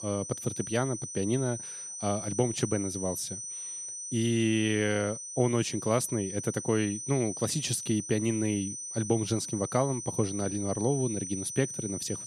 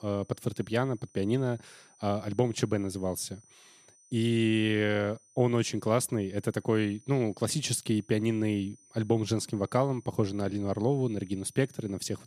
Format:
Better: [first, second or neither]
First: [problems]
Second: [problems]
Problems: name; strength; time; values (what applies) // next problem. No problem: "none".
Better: second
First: high-pitched whine; loud; throughout; 6 kHz, 6 dB below the speech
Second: high-pitched whine; faint; throughout; 6 kHz, 30 dB below the speech